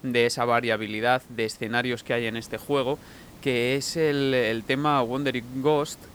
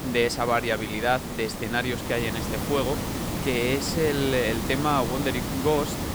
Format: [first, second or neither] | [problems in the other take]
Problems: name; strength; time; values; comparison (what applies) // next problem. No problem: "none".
first | hiss; loud; throughout; 4 dB below the speech; faint in the first